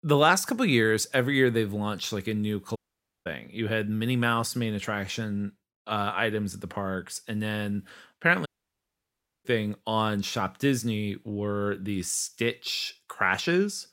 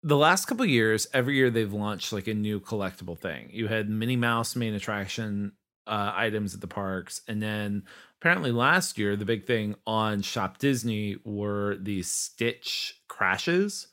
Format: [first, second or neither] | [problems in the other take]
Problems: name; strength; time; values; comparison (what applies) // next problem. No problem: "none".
second | audio cutting out; at 3 s and at 8.5 s for 1 s